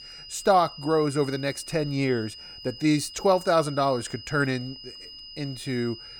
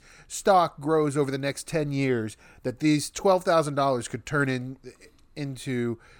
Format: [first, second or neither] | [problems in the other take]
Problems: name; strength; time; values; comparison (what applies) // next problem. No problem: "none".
second | high-pitched whine; noticeable; throughout; 5 kHz, 15 dB below the speech